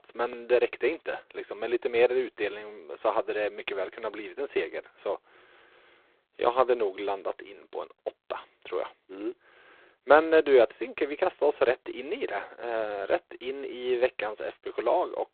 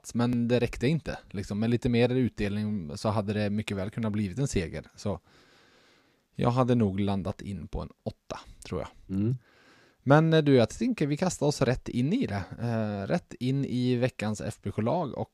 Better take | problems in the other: second | phone-call audio; poor line; nothing above 4 kHz

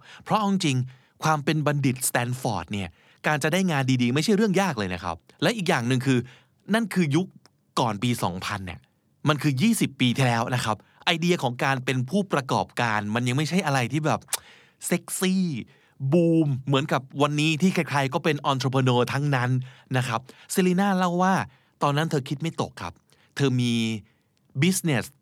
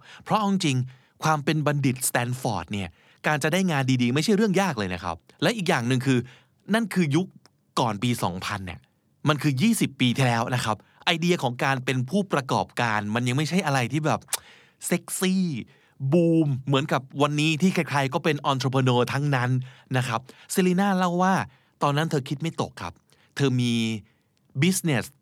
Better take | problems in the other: neither | none

